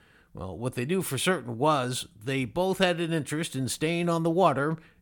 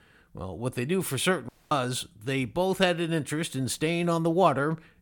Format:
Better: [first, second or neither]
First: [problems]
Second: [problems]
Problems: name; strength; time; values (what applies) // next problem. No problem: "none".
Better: first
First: none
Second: audio cutting out; at 1.5 s